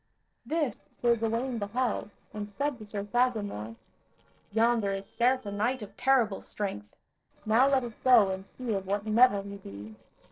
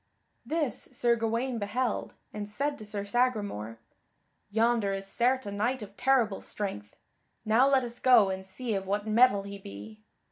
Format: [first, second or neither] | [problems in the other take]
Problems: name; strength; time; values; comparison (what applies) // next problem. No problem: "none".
second | noise reduction (neural separator model SepFormer DNS4)